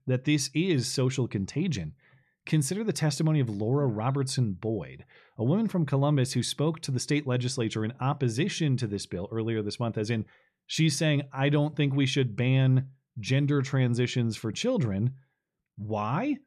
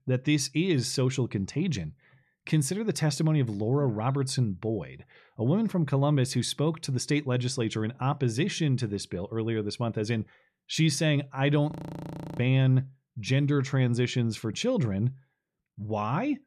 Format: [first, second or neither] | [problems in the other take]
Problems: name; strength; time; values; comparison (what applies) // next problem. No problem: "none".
first | audio freezing; at 12 s for 0.5 s